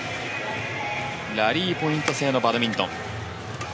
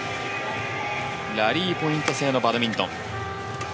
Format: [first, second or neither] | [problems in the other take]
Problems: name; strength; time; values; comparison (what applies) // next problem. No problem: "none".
first | background sound (Trumpet); 11 dB below the speech